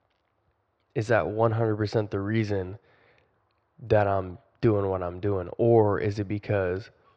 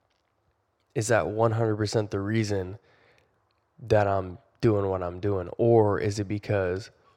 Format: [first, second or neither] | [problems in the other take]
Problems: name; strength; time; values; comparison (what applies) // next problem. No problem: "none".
second | muffled; slightly; fading above 4 kHz